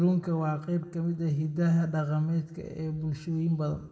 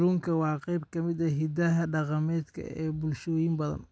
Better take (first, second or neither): second